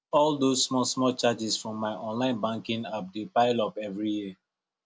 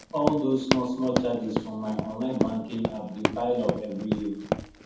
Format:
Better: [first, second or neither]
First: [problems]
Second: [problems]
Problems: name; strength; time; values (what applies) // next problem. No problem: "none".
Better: first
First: none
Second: background sound (Run); 2 dB below the speech // room echo; dies away in 0.8 s